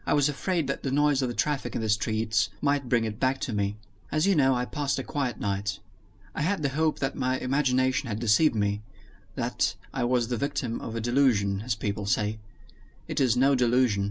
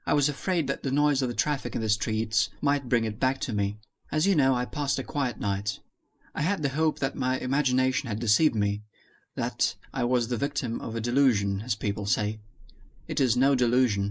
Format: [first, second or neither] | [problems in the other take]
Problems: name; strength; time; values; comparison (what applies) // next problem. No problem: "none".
first | noise reduction (neural mask model Resemble Enhance denoiser)